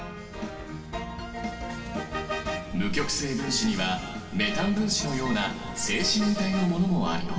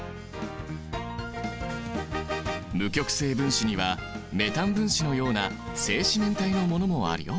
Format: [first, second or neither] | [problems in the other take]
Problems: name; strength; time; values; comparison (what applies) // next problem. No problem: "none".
second | room echo; dies away in 2.2 s